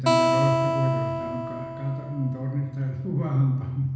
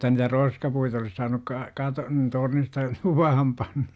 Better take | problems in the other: second | background sound (Acoustic guitar); 1 dB below the speech // room echo; dies away in 0.9 s

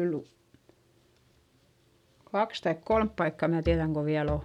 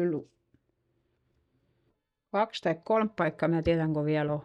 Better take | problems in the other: first | noise reduction (neural mask model DeepFilterNet 3)

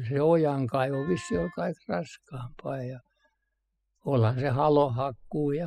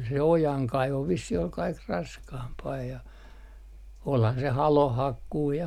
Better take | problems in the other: second | noise reduction (classical method spectral subtraction)

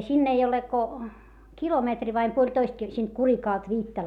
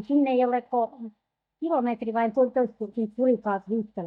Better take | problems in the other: first | noise reduction (neural mask model DeepFilterNet 3)

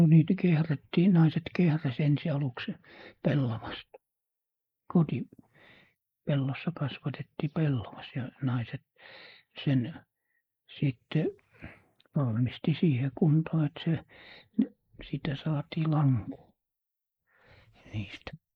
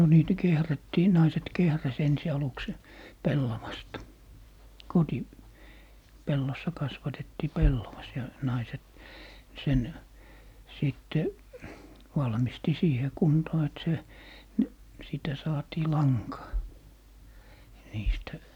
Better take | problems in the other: second | noise reduction (neural mask model Resemble Enhance denoiser)

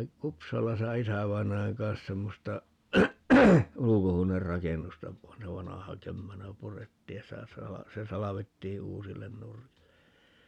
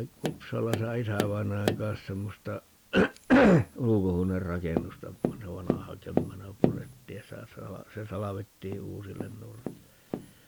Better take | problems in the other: first | background sound (Tap); 6 dB below the speech

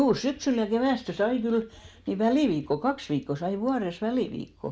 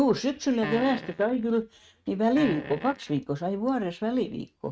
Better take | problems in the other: first | noise reduction (neural mask model RNNoise)

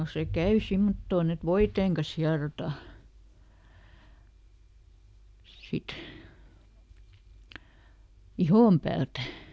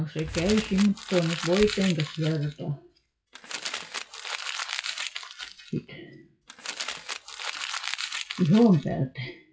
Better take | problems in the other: first | noise reduction (classical method WPE with log-MMSE)

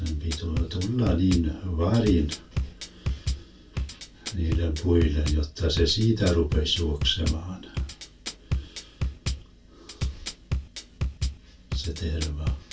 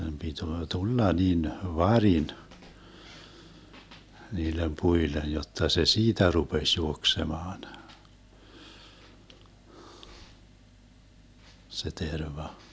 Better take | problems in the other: second | background sound (Bass drum / Drum kit); 5 dB below the speech // room echo; dies away in 0.2 s

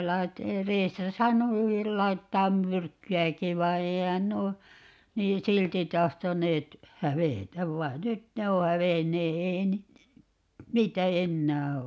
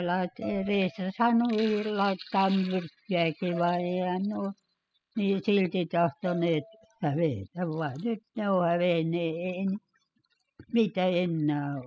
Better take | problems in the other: first | noise reduction (classical method spectral subtraction)

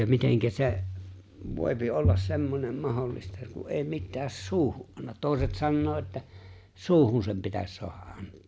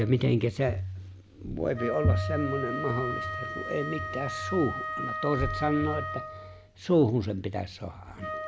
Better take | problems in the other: first | background sound (Wind instrument, woodwind instrument); 8 dB below the speech

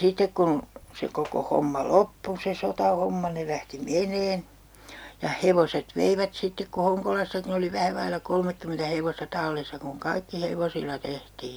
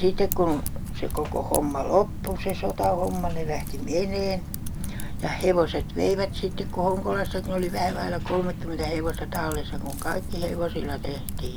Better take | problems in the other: first | background sound (Typing); 3 dB below the speech

